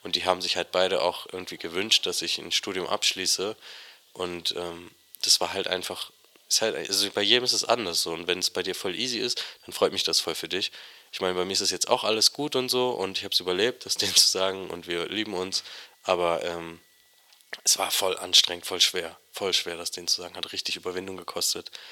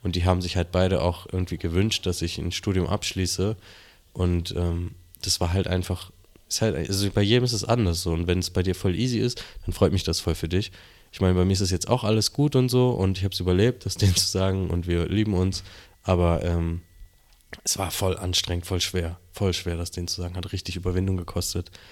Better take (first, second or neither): second